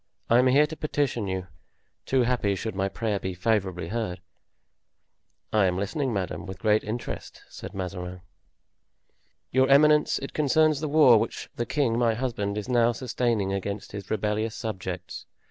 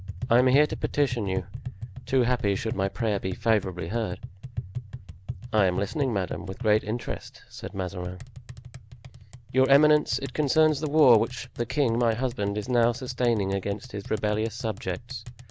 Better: first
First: none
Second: background sound (Tap); 12 dB below the speech

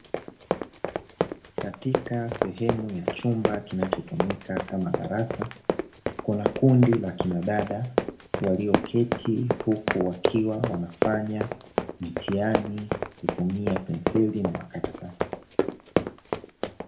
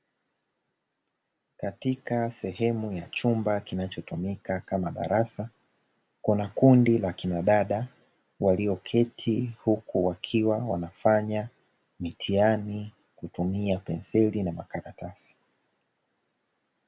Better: second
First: background sound (Run); 2 dB below the speech // room echo; dies away in 0.3 s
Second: none

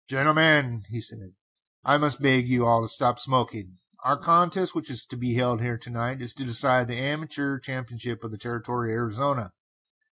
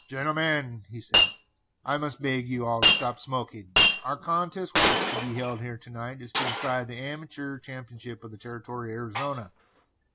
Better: first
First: none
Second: background sound (Shatter); 2 dB above the speech

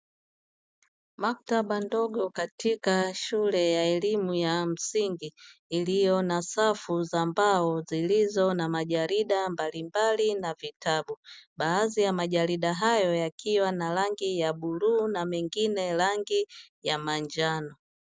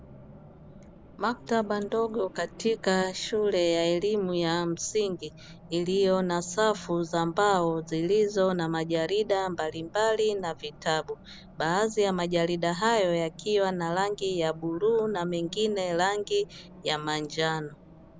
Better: first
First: none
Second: background sound (Race car, auto racing); 20 dB below the speech

